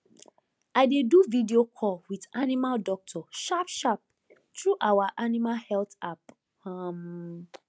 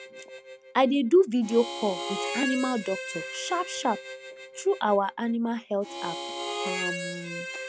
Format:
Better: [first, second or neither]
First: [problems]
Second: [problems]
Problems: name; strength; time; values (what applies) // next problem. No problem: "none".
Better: first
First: none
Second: background sound (Harmonica); 8 dB below the speech